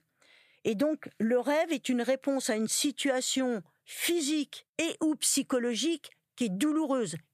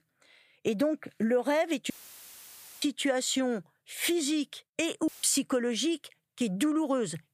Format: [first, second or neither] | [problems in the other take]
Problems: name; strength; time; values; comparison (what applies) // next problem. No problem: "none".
first | audio cutting out; filled with static; at 2 s for 1 s and at 5 s